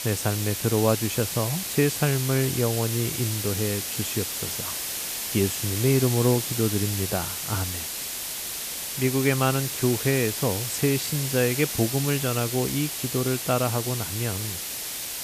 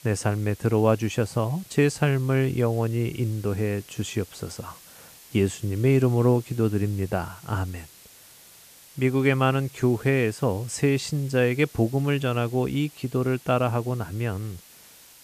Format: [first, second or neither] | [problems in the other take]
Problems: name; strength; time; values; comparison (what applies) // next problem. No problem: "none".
second | hiss; loud; throughout; 3 dB below the speech; faint in the second